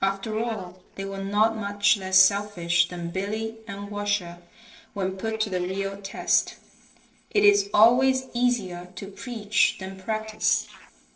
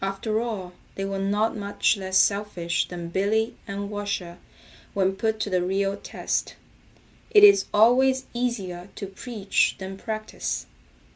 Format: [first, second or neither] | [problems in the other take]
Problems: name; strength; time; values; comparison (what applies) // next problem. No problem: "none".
second | noise reduction (neural separator model SepFormer DNS4)